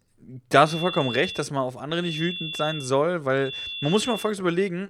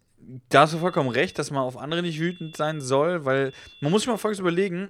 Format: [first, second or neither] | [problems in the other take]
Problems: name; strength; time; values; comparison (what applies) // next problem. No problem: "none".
second | high-pitched whine; loud; at 0.5 s, at 2 s and at 3.5 s; 3.5 kHz, 8 dB below the speech; faint in the second